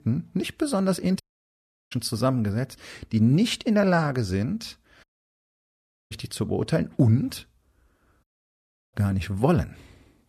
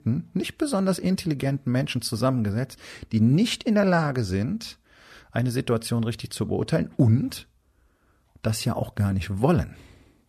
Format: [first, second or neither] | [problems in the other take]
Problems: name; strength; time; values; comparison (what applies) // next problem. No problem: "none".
second | audio cutting out; at 1 s for 0.5 s, at 5 s for 1 s and at 8 s for 0.5 s